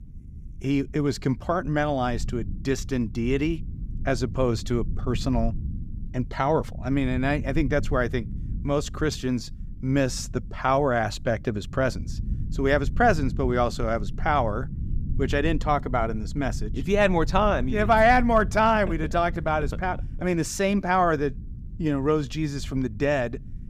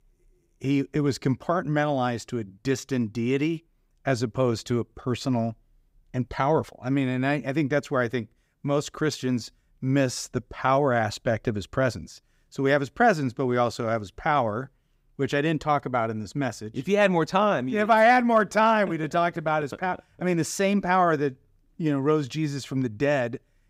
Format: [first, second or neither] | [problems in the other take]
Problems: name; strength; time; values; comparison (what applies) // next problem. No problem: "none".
second | low rumble; faint; throughout; 25 dB below the speech